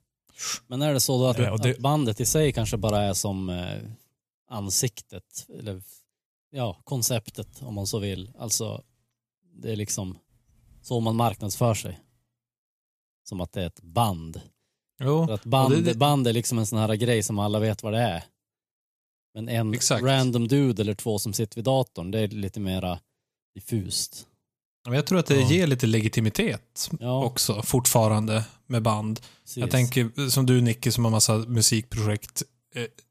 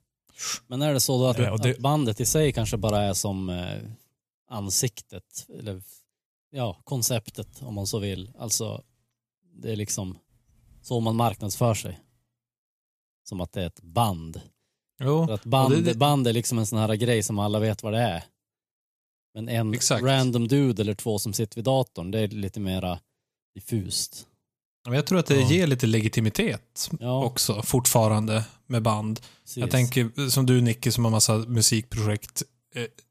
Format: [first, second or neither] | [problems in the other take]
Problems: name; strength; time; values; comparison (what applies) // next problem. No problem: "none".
neither | none